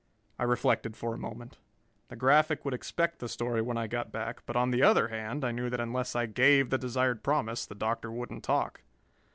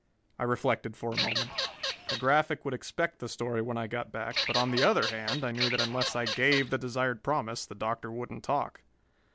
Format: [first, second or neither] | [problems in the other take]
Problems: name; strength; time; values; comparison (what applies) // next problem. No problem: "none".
first | background sound (Bird vocalization, bird call, bird song / Fowl); 2 dB below the speech